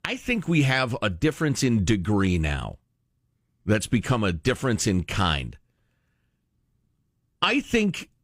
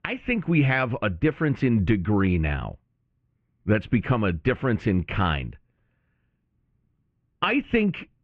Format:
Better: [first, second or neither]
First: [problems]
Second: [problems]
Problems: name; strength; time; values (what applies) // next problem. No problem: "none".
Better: first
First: none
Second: muffled; very; fading above 2.5 kHz